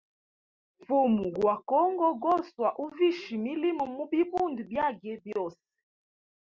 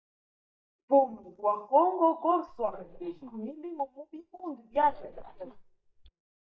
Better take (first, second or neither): first